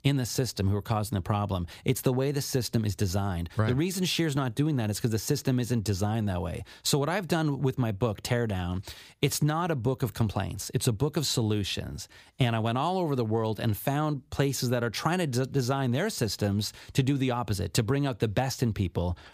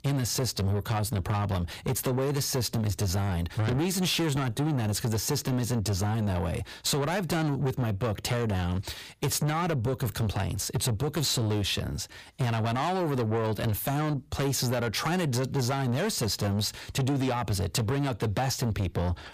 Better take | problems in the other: first | distortion; heavy; 7 dB below the speech

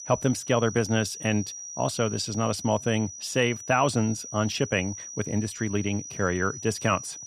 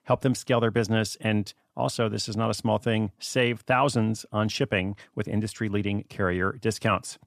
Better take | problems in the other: second | high-pitched whine; noticeable; throughout; 6 kHz, 10 dB below the speech

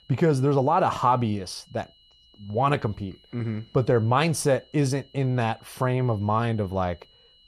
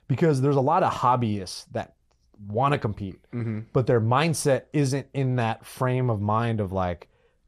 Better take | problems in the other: second | high-pitched whine; faint; throughout; 3 kHz, 30 dB below the speech

